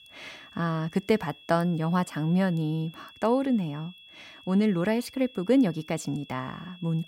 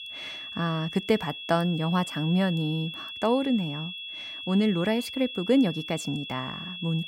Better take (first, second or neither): first